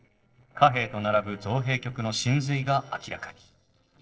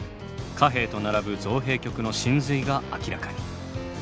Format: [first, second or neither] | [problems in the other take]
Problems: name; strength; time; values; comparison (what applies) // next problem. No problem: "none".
second | noise reduction (neural separator model SepFormer DNS4)